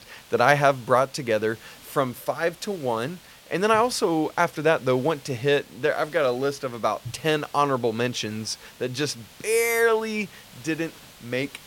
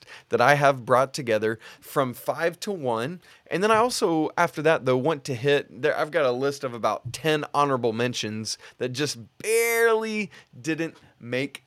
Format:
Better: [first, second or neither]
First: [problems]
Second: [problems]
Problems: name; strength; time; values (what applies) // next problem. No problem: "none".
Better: second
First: hiss; faint; throughout; 20 dB below the speech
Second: none